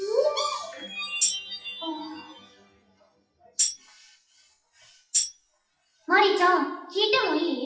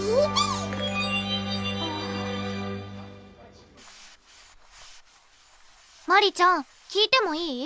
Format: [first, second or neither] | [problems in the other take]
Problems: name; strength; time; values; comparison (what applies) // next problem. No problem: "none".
second | noise reduction (classical method WPE with log-MMSE)